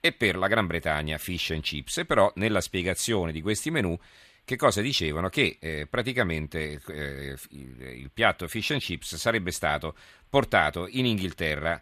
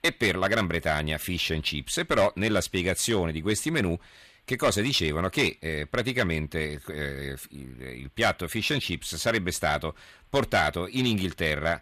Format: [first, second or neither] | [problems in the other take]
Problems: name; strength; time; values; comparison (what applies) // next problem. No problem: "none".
first | distortion; slight; 3% of the sound clipped